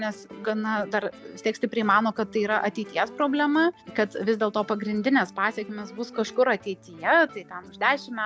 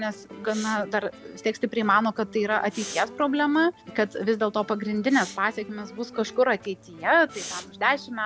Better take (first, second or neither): first